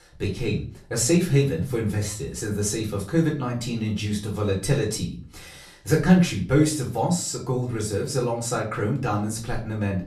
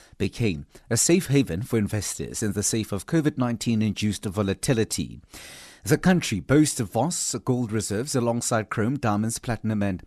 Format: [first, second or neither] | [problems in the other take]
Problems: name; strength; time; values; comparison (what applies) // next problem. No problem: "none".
second | room echo; slight; dies away in 0.3 s // off-mic speech; far